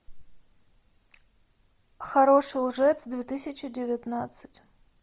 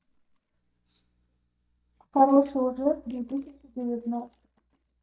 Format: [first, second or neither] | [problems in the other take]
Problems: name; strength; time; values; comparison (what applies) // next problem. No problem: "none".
first | noise reduction (neural mask model DeepFilterNet 3)